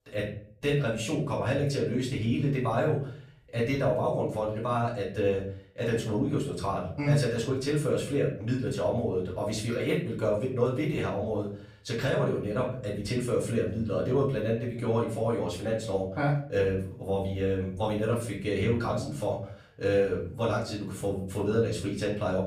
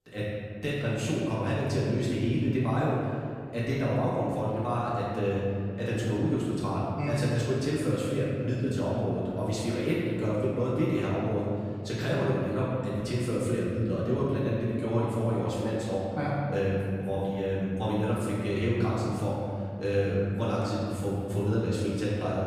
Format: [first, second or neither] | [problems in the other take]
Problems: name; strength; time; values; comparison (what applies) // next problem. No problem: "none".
first | room echo; strong; dies away in 2.3 s; slight in the first // off-mic speech; far; far in the first